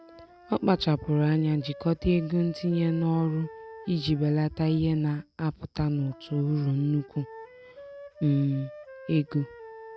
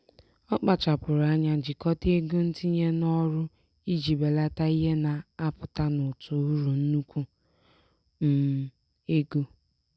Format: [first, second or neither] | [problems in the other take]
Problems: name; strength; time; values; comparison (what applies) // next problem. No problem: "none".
second | background sound (Wind instrument, woodwind instrument); 19 dB below the speech